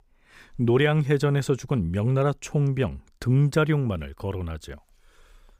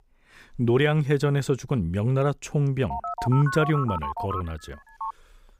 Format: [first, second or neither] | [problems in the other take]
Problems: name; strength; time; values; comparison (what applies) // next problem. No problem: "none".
first | phone ringing; noticeable; from 3 to 5 s; peak 6 dB below the speech